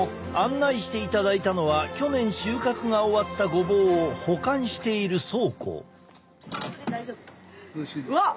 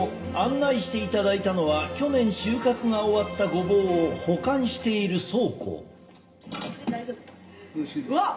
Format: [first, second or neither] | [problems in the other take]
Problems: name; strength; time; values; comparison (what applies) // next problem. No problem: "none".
first | room echo; dies away in 1.9 s